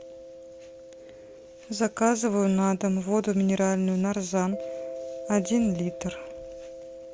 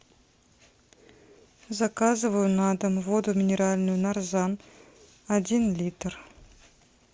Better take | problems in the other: second | background sound (Mallet percussion); 14 dB below the speech

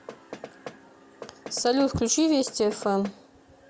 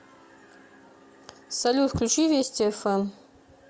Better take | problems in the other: second | background sound (Knock); 17 dB below the speech

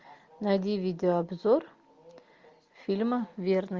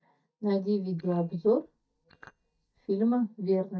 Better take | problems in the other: first | noise reduction (neural mask model DeepFilterNet 3)

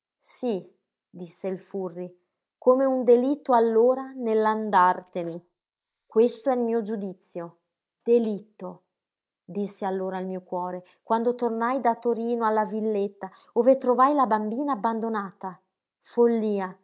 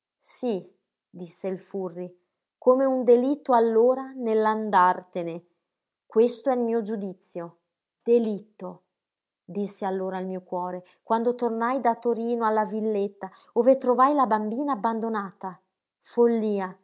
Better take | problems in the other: second | noise reduction (neural mask model Resemble Enhance denoiser)

